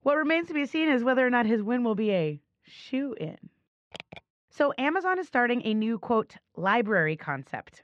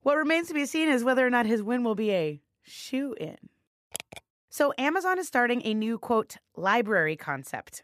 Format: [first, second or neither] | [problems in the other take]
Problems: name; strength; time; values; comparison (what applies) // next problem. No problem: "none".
second | muffled; slightly; fading above 3.5 kHz